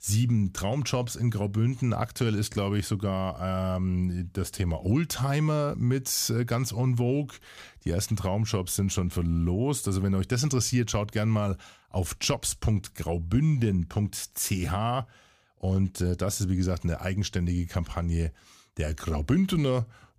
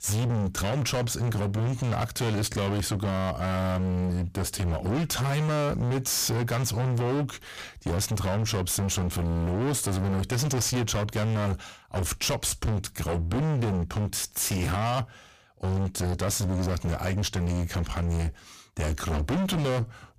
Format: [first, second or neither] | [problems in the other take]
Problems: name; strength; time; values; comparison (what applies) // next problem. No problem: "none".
first | distortion; heavy; 41% of the sound clipped